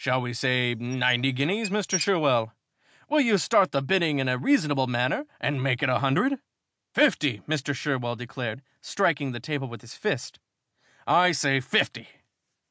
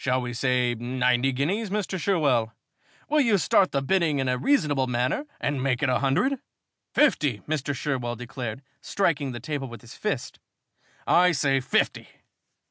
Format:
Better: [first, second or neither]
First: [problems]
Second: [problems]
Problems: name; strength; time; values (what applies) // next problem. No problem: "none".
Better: second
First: background sound (Squeak / Dishes, pots, and pans); 12 dB below the speech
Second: none